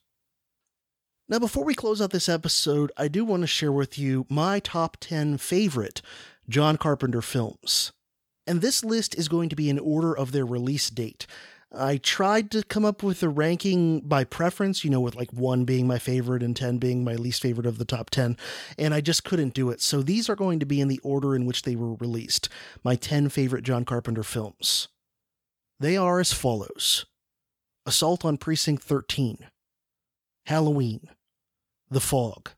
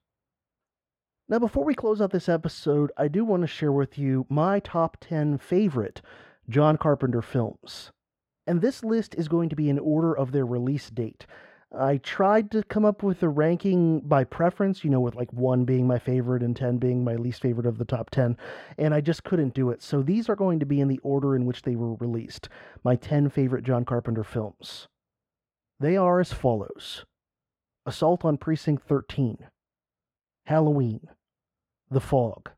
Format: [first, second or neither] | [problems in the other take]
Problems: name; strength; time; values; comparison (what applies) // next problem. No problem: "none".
first | muffled; very; fading above 3 kHz